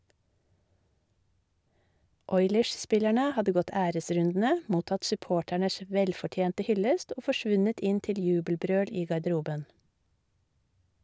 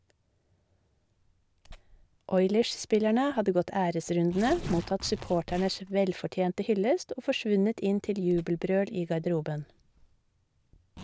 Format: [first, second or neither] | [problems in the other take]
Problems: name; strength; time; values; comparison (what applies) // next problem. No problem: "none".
first | background sound (Tearing); 18 dB below the speech